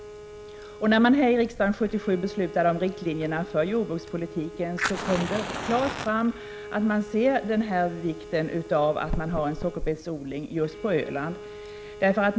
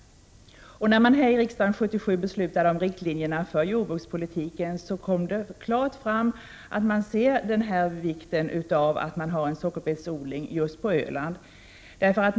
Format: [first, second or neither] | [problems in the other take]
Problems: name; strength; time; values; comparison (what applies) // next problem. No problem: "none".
second | background sound (Fire + Bowed string instrument); 11 dB below the speech